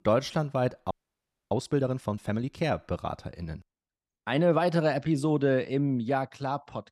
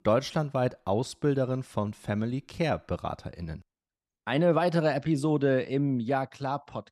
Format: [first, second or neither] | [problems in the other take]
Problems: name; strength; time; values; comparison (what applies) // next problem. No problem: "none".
second | audio freezing; at 1 s for 0.5 s